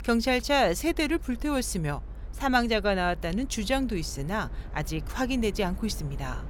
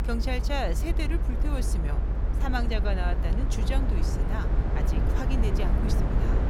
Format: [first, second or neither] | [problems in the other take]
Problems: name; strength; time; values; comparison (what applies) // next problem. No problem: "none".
first | low rumble; loud; throughout; 3 dB below the speech; faint in the first